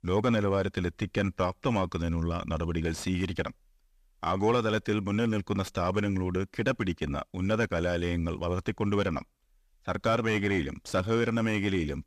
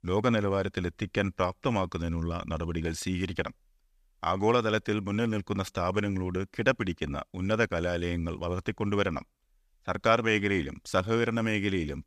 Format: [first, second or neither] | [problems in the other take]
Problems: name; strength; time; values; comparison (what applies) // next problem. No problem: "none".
second | distortion; slight; 10 dB below the speech